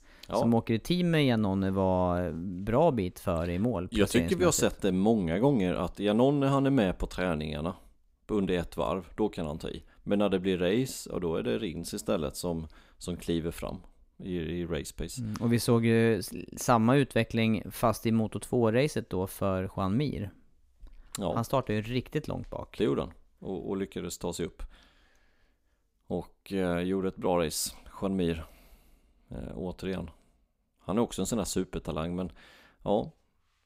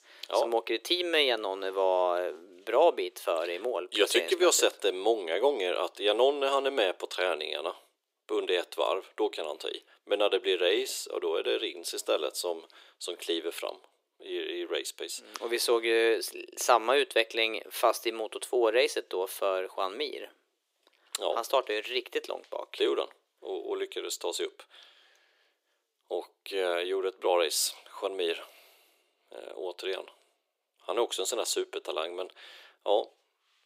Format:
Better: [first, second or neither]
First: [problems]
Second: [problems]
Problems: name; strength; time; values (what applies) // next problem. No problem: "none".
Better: first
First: none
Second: thin; very; fading below 350 Hz